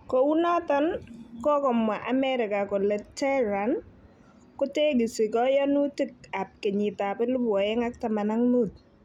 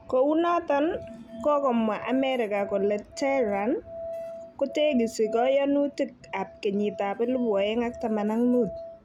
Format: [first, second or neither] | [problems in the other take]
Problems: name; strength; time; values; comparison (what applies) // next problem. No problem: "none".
first | background sound (Musical instrument); 14 dB below the speech